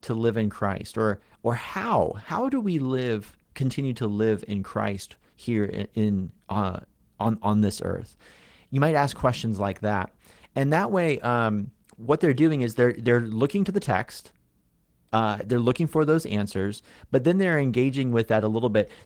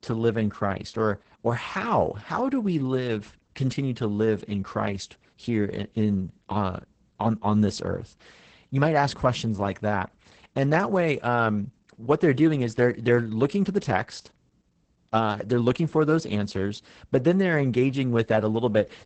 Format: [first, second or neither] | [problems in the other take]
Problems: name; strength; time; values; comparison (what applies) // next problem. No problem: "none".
first | garbled, watery; badly; nothing above 8 kHz; slightly in the first